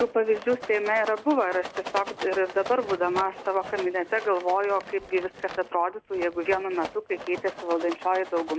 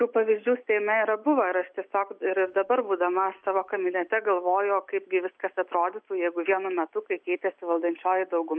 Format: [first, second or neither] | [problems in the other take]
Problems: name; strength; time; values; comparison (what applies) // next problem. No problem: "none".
second | background sound (Rattle); 13 dB below the speech